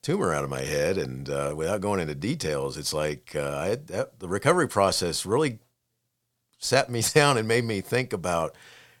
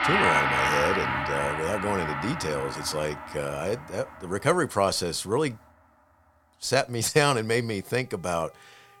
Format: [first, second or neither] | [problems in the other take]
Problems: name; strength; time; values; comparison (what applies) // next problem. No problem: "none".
first | background music; very loud; throughout; as loud as the speech